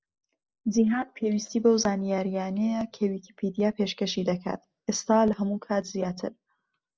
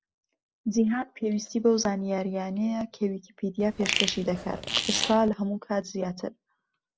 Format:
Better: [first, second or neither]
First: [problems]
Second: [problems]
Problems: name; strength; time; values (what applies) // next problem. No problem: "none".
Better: first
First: none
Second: background sound (Fart); 2 dB below the speech